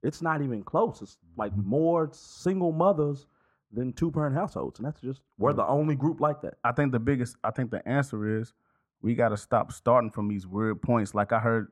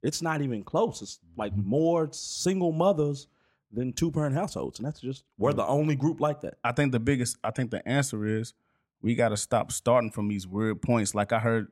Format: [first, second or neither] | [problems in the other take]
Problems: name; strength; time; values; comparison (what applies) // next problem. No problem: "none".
second | muffled; very; fading above 2 kHz